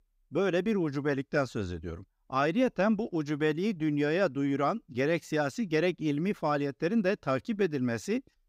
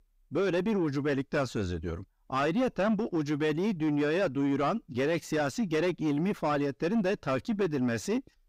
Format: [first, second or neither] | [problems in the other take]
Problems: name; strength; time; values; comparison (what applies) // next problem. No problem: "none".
first | distortion; slight; 9 dB below the speech